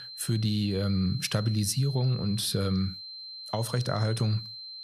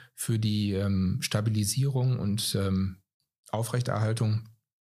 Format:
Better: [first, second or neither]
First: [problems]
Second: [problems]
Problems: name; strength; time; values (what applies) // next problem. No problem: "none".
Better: second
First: high-pitched whine; noticeable; throughout; 4 kHz, 10 dB below the speech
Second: none